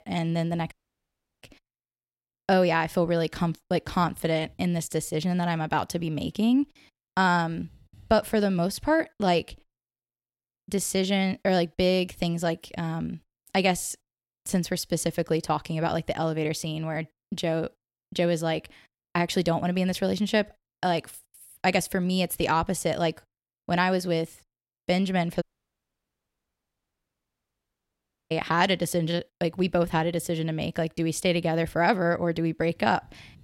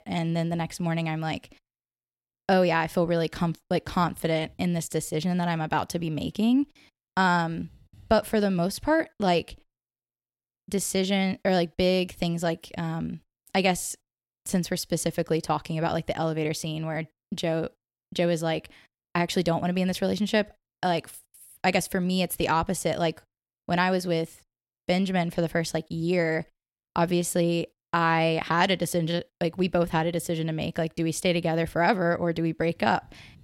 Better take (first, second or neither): second